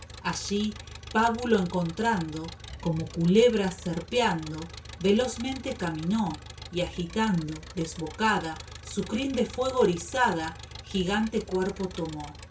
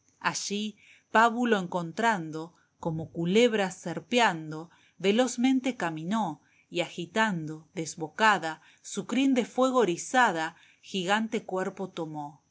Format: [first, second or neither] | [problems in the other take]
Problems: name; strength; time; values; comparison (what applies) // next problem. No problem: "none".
second | background sound (Engine); 15 dB below the speech // room echo; dies away in 0.2 s